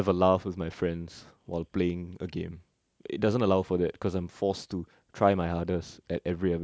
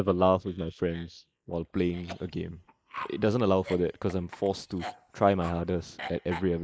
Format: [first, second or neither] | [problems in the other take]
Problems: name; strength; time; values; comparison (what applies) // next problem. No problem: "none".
first | noise reduction (neural mask model Resemble Enhance denoiser)